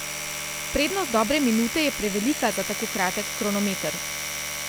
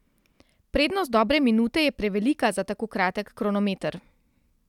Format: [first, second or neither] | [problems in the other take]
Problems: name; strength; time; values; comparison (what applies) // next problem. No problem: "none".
second | background sound (Domestic sounds, home sounds); 5 dB below the speech